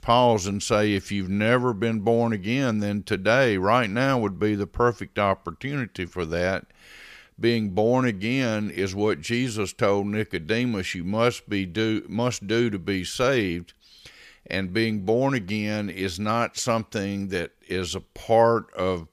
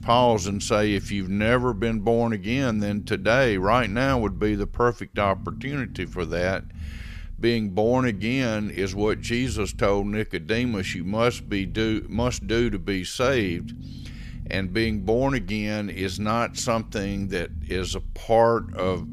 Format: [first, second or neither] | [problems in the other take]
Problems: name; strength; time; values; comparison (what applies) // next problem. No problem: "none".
first | low rumble; faint; throughout; 25 dB below the speech